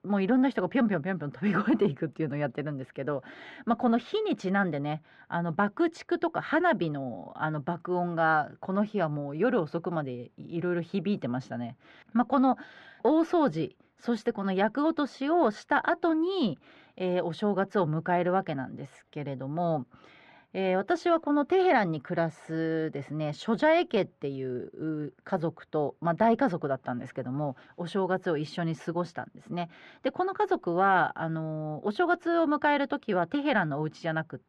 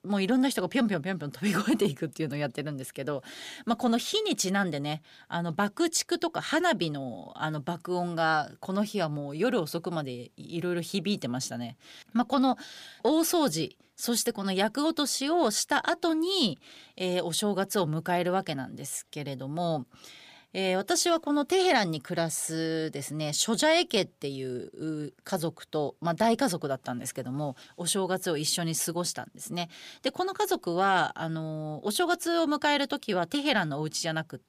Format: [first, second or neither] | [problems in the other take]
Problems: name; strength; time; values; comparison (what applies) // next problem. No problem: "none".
second | muffled; very; fading above 1.5 kHz